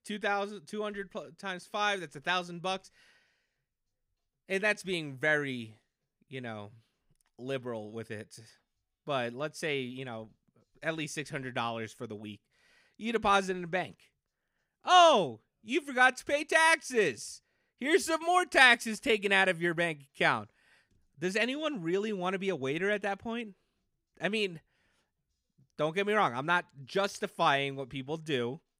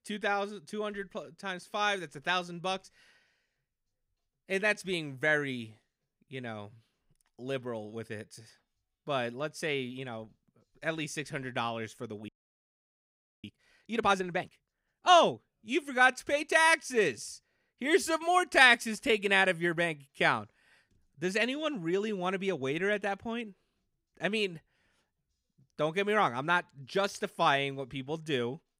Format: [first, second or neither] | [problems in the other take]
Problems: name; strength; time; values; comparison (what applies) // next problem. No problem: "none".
first | audio freezing; at 12 s for 1 s